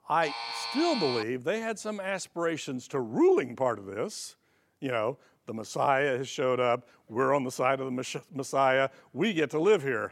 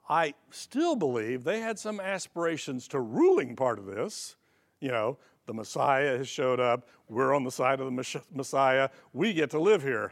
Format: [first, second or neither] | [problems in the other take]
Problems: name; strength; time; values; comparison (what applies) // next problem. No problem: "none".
second | alarm; noticeable; until 1 s; peak 4 dB below the speech